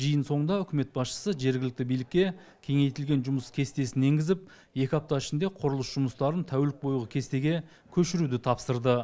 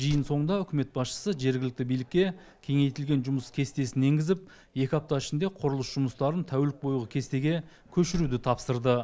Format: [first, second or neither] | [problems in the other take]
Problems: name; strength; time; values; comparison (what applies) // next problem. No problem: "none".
first | background sound (Slam); 20 dB below the speech